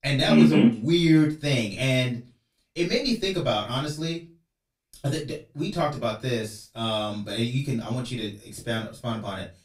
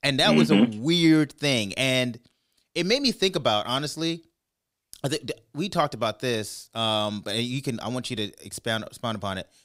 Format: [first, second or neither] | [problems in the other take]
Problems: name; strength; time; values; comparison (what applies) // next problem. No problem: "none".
second | off-mic speech; far // room echo; slight; dies away in 0.2 s